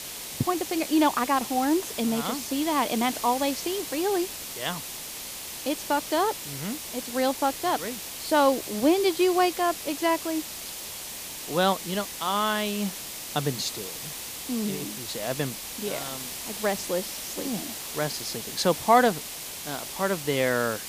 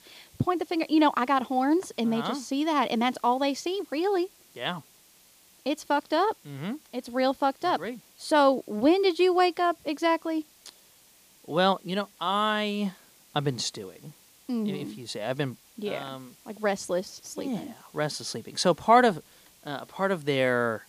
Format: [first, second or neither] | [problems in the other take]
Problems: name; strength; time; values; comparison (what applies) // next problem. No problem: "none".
second | hiss; loud; throughout; 7 dB below the speech; faint in the second